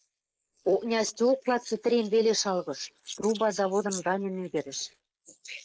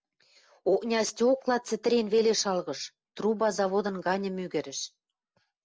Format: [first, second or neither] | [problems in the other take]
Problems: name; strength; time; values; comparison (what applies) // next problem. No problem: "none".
second | noise reduction (neural mask model Resemble Enhance denoiser)